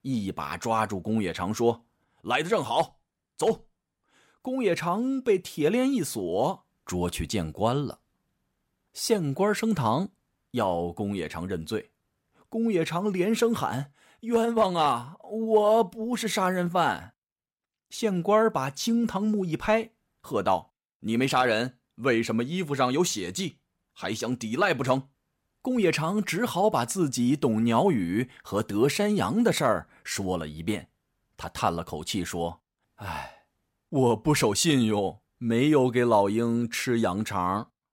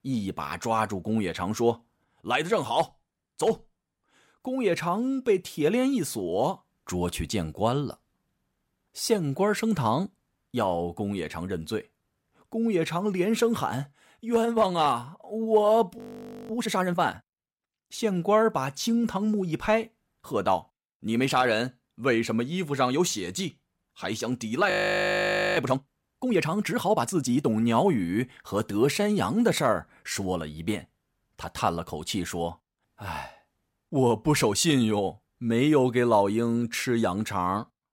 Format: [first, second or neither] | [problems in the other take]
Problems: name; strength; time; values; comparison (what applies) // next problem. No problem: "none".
first | audio freezing; at 16 s for 0.5 s and at 25 s for 1 s